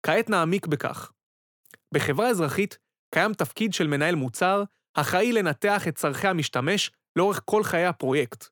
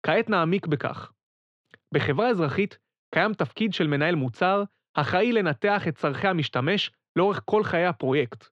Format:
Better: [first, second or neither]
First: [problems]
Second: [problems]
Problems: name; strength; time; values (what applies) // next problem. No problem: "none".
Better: first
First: none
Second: muffled; very slightly; fading above 3.5 kHz